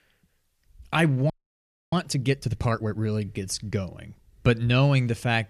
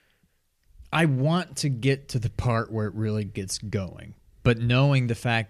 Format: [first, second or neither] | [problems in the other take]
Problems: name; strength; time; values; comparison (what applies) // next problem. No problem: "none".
second | audio freezing; at 1.5 s for 0.5 s